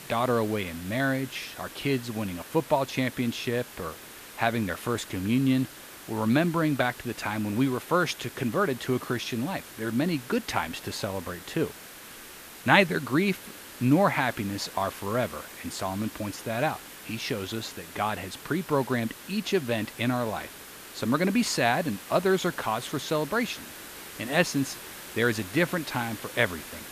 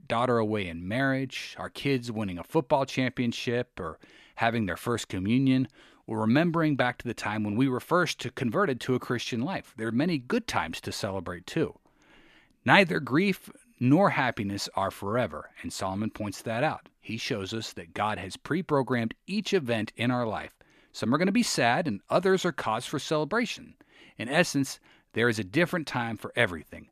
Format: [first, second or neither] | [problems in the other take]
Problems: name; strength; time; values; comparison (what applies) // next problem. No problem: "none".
second | hiss; noticeable; throughout; 15 dB below the speech